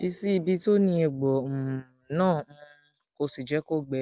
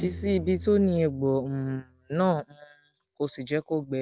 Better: first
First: none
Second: background sound (Guitar); 16 dB below the speech

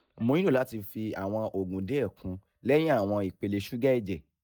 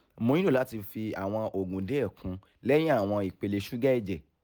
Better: second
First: noise reduction (neural mask model DeepFilterNet 3)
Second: none

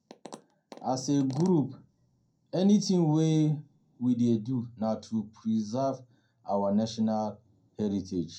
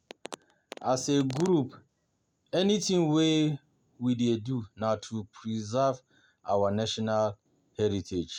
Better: second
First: room echo; dies away in 0.2 s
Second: none

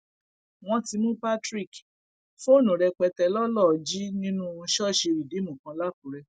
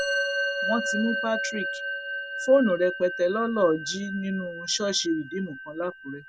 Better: first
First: none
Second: background sound (Musical instrument); 5 dB below the speech

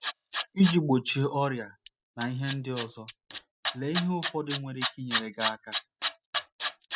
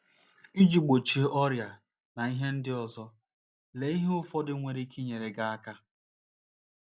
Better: second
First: noise reduction (classical method spectral subtraction)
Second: none

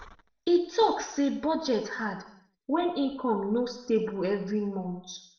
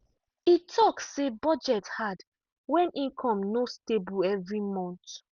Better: second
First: room echo; dies away in 0.7 s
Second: none

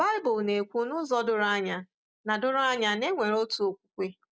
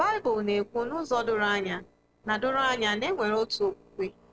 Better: first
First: none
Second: noise reduction (neural separator model SepFormer DNS4)

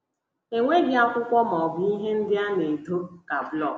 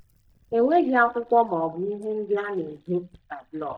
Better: first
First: none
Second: noise reduction (neural mask model DeepFilterNet 3)

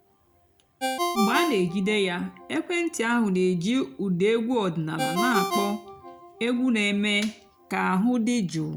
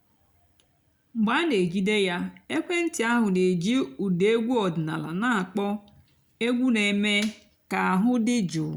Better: second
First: background sound (Ringtone); 8 dB below the speech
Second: none

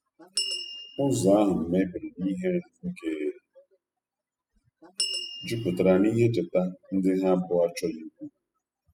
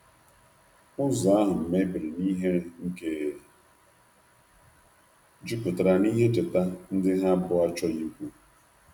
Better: second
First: noise reduction (classical method spectral subtraction)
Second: none

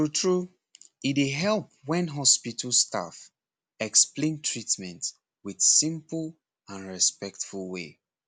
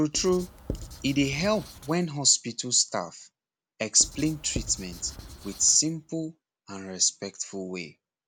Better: first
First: none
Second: background sound (Writing); 13 dB below the speech

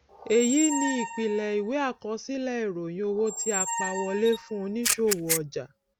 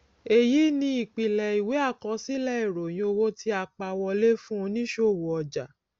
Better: second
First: background sound (Squeak + Camera); 6 dB below the speech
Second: none

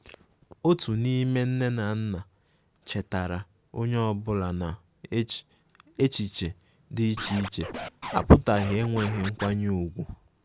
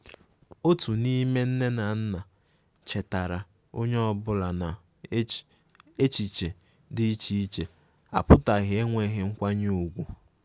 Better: second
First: background sound (Scratching (performance technique)); 10 dB below the speech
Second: none

